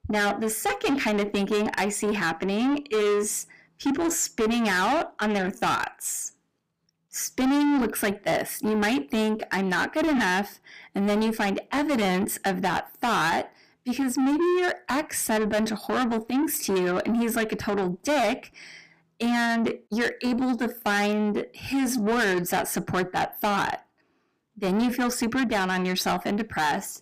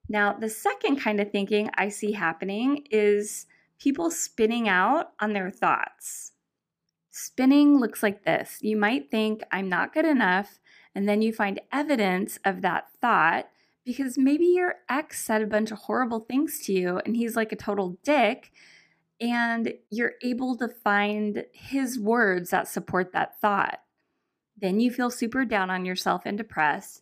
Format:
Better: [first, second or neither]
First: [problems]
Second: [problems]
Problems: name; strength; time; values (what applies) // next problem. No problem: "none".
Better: second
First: distortion; heavy; 6 dB below the speech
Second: none